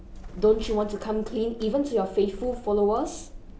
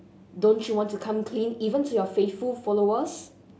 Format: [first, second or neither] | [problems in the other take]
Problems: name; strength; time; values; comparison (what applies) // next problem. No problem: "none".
second | background sound (Bird); 13 dB below the speech